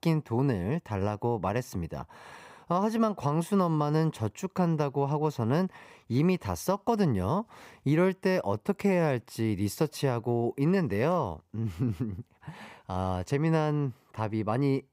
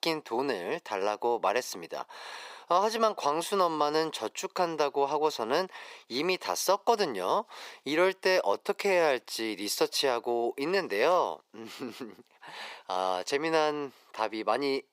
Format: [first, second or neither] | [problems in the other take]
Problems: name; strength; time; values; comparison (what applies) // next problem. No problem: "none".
first | thin; very; fading below 400 Hz